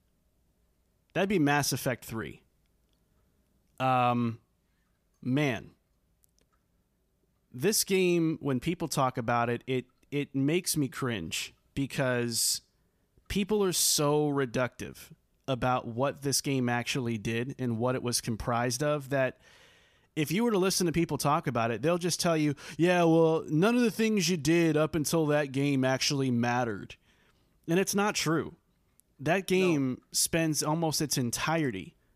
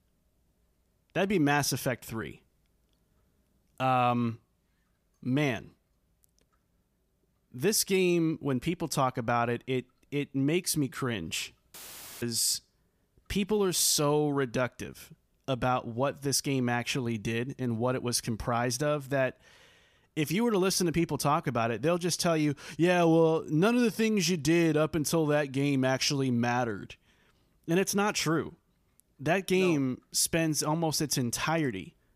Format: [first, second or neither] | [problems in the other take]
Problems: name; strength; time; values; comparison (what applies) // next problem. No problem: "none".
first | audio cutting out; filled with static; at 12 s